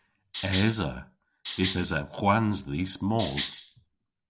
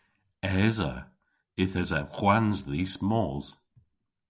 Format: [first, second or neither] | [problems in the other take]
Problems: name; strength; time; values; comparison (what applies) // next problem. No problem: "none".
second | background sound (Rattle (instrument)); 8 dB below the speech